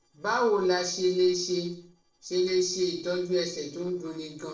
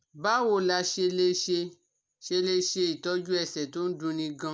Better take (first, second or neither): second